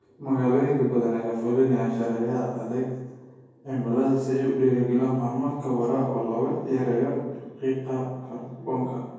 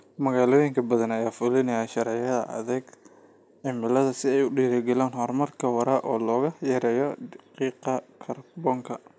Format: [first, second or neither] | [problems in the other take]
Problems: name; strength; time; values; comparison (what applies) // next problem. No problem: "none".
second | room echo; dies away in 1.3 s